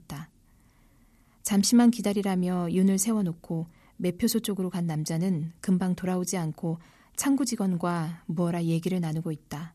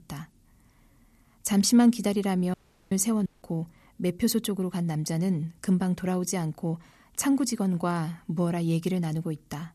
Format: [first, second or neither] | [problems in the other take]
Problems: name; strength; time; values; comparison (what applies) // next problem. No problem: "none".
first | audio cutting out; at 2.5 s and at 3.5 s